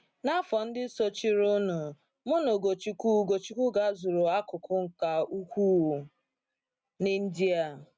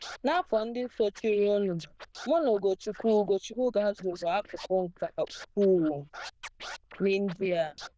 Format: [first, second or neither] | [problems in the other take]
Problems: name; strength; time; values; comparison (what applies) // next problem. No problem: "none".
first | noise reduction (neural diffusion model UNIVERSE++)